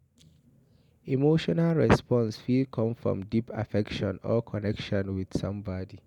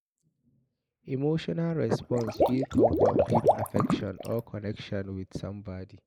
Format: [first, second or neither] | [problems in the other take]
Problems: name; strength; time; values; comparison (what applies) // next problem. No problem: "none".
first | noise reduction (neural mask model Resemble Enhance denoiser)